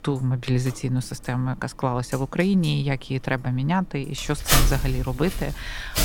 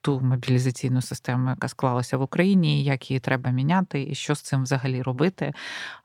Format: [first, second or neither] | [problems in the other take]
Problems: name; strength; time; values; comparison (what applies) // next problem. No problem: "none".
second | household noises; loud; throughout; 1 dB below the speech